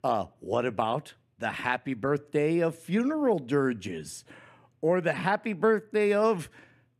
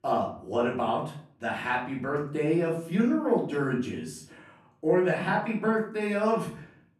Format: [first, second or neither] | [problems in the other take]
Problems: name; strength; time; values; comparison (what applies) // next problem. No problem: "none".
first | off-mic speech; far // room echo; slight; dies away in 0.4 s